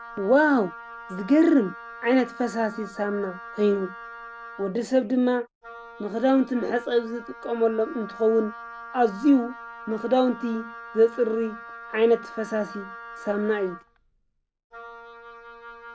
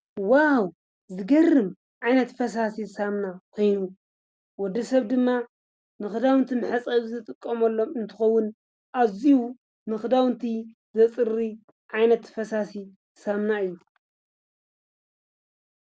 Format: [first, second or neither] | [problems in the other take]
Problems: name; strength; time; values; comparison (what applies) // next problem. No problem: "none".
second | background sound (Wind instrument, woodwind instrument); 16 dB below the speech